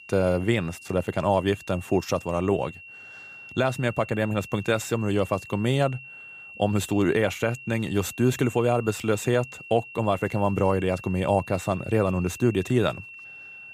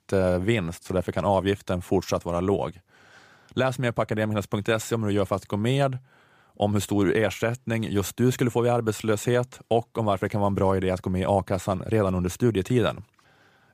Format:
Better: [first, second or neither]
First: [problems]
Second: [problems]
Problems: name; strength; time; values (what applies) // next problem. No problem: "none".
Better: second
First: high-pitched whine; noticeable; throughout; 2.5 kHz, 15 dB below the speech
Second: none